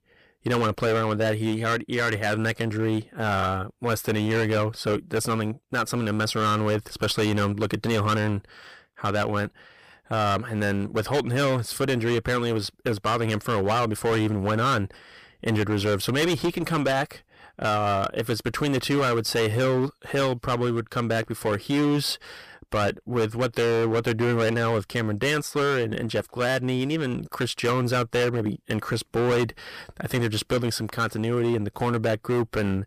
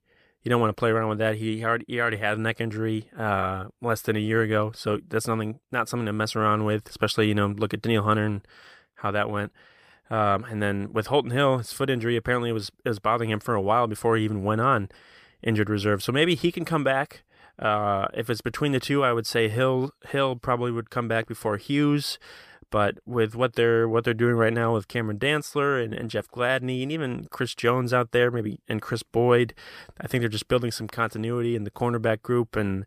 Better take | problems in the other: second | distortion; heavy; 18% of the sound clipped

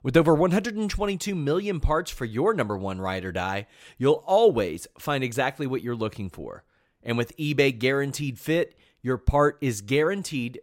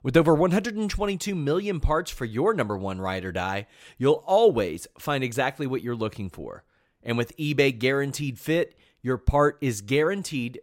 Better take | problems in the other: neither | none

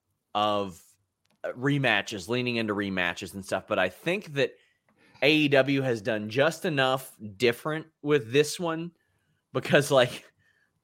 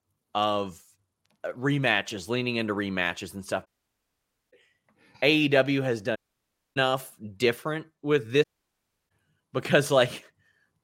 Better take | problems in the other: first | audio cutting out; at 3.5 s for 1 s, at 6 s for 0.5 s and at 8.5 s for 0.5 s

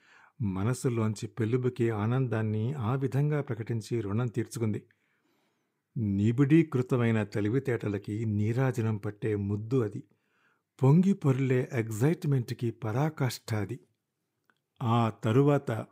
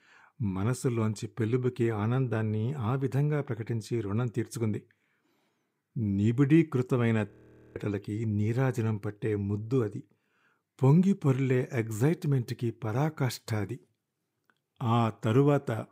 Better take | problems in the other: first | audio freezing; at 7.5 s

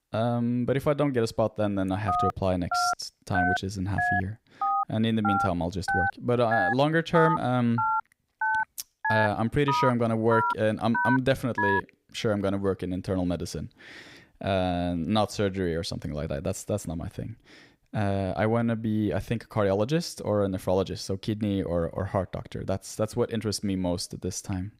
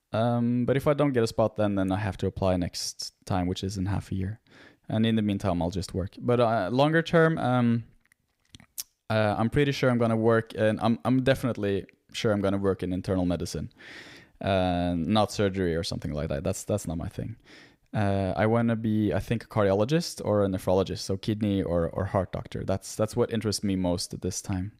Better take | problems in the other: second | phone ringing; loud; from 2 to 12 s; peak 1 dB above the speech

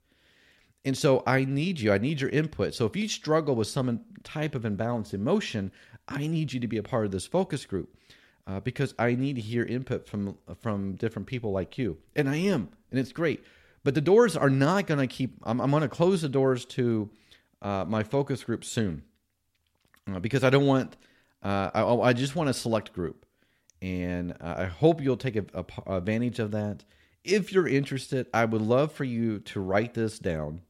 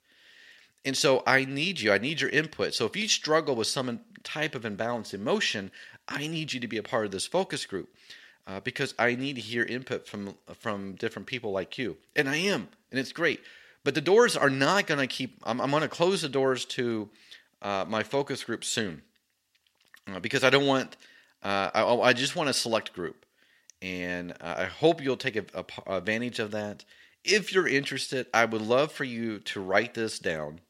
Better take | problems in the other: first | thin; very slightly; fading below 950 Hz

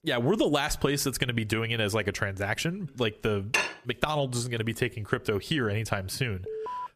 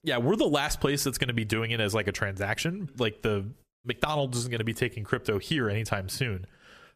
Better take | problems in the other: second | clattering dishes; loud; at 3.5 s; peak 1 dB above the speech // alarm; noticeable; at 6.5 s; peak 7 dB below the speech

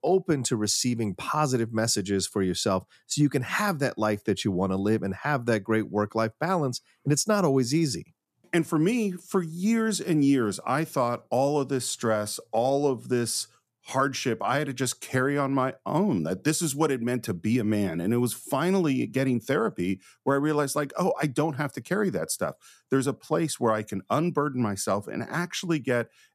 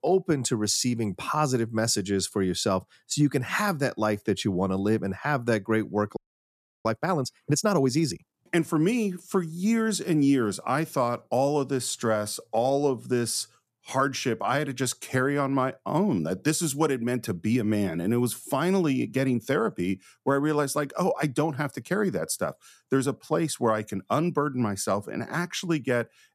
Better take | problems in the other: first | audio freezing; at 6 s for 0.5 s

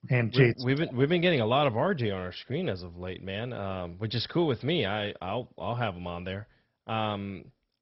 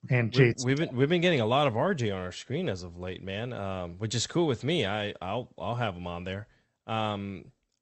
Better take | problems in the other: second | garbled, watery; badly; nothing above 5.5 kHz; slightly in the second

